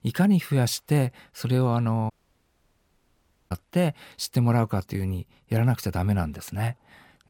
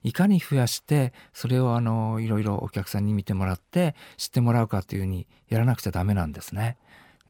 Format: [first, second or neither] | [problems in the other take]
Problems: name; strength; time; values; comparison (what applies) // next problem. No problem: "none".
second | audio cutting out; at 2 s for 1.5 s